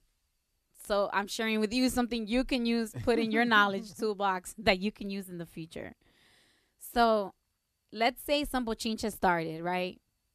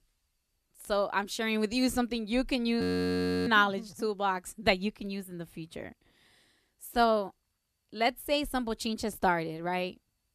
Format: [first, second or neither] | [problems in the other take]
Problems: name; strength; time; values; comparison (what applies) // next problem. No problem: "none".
first | audio freezing; at 3 s for 0.5 s